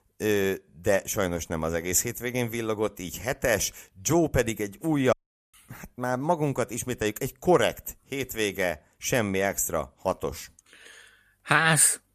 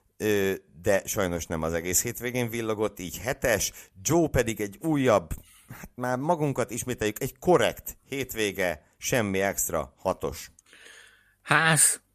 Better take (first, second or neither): second